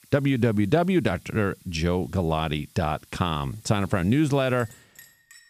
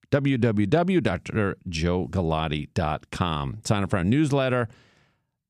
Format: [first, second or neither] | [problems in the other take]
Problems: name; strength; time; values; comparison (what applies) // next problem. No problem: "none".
second | household noises; faint; throughout; 25 dB below the speech